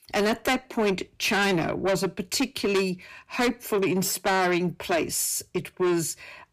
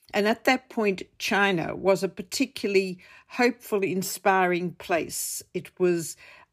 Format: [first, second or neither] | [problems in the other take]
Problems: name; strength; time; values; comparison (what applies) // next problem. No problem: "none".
second | distortion; heavy; 6 dB below the speech